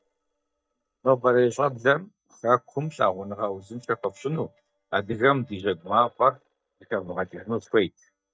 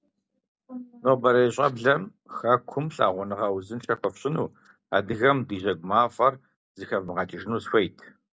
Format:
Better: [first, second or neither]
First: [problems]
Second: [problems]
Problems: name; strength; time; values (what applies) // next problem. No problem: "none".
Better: second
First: noise reduction (neural mask model DeepFilterNet 3)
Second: none